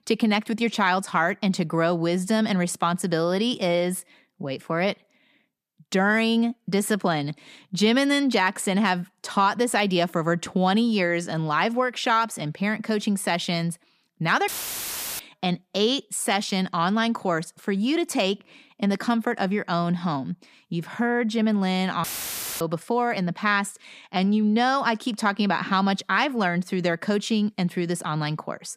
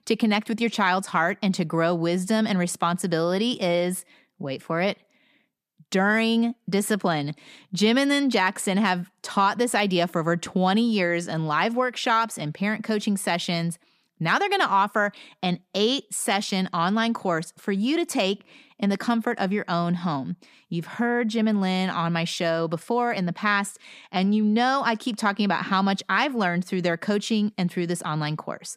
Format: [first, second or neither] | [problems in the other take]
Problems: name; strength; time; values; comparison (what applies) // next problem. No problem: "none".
second | audio cutting out; filled with static; at 14 s for 0.5 s and at 22 s for 0.5 s